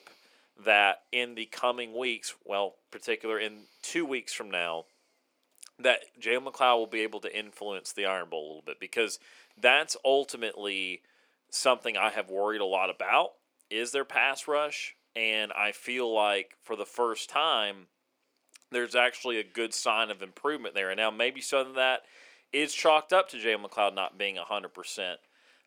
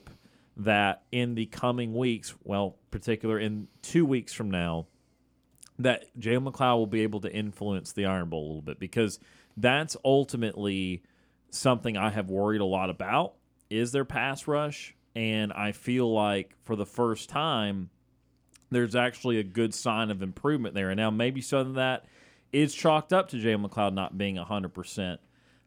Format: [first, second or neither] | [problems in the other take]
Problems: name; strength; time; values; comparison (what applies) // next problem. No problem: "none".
second | thin; very; fading below 450 Hz